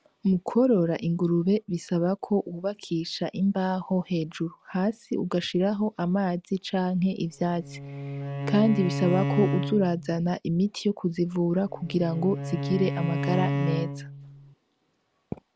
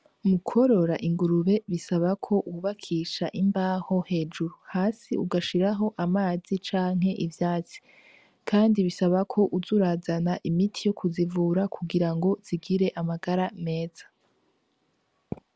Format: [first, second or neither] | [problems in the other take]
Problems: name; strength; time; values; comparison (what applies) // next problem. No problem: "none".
second | background sound (Bowed string instrument); 4 dB below the speech